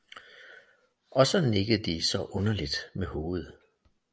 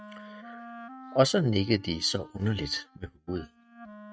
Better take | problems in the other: first | noise reduction (neural mask model RNNoise)

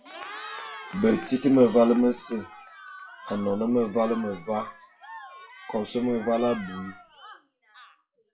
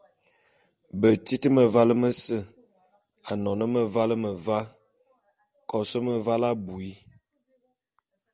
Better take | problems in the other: second | noise reduction (classical method WPE with log-MMSE)

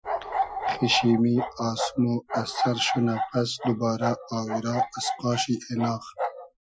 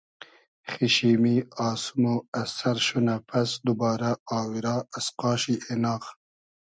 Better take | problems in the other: second | noise reduction (classical method Wiener filter)

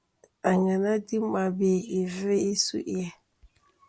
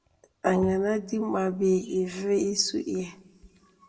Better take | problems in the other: first | background sound (Bowed string instrument); 17 dB below the speech // room echo; dies away in 0.2 s

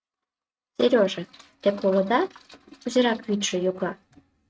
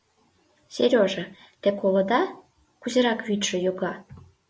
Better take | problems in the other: second | noise reduction (neural mask model RNNoise)

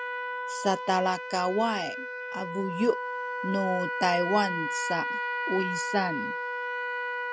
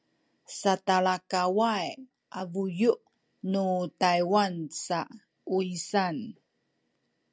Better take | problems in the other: second | background sound (Trumpet); 3 dB below the speech

